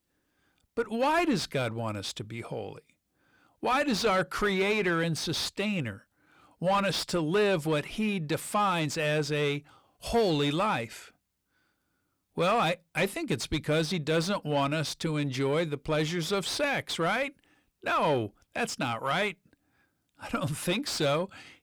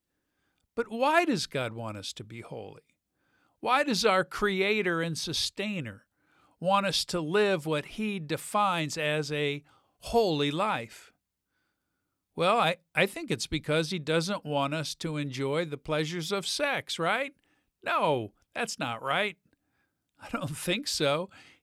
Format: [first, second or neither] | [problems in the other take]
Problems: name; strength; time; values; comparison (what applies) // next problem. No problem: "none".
second | distortion; slight; 10 dB below the speech